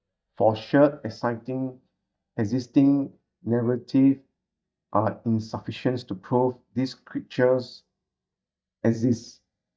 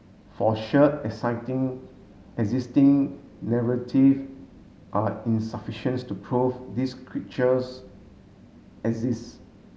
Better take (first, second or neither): second